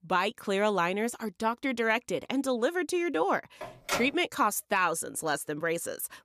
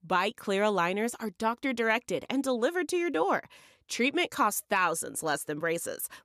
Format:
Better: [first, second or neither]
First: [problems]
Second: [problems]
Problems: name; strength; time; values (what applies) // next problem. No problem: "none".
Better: second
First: phone ringing; noticeable; at 3.5 s; peak 4 dB below the speech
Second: none